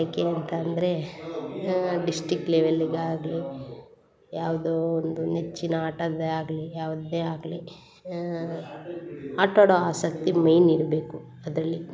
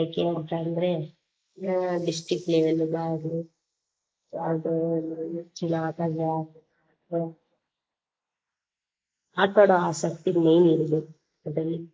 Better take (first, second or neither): first